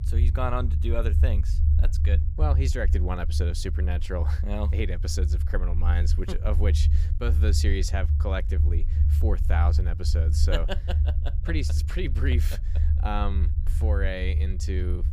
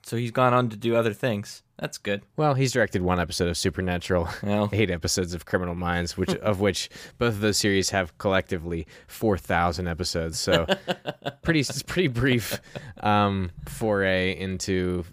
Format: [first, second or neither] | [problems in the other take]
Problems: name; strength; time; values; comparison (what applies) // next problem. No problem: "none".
second | low rumble; loud; throughout; 8 dB below the speech